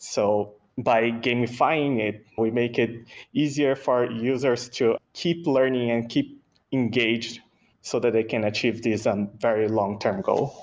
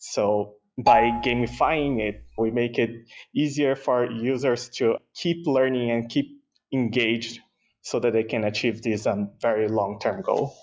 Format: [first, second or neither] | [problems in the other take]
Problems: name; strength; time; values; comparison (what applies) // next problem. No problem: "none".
first | noise reduction (classical method log-MMSE)